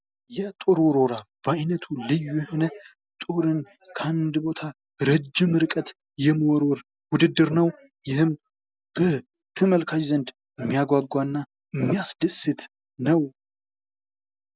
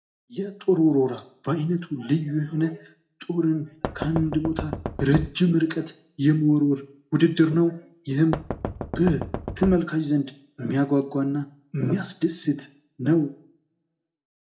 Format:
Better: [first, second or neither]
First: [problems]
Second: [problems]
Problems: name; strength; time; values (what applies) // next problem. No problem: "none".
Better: first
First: none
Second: background sound (Knock); 7 dB below the speech // room echo; dies away in 0.3 s